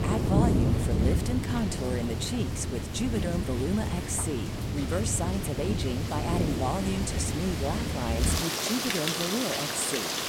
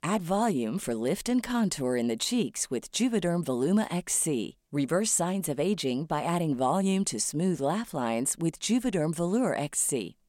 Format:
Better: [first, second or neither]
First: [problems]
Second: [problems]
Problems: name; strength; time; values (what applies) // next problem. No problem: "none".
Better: second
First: rain or running water; very loud; throughout; 3 dB above the speech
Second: none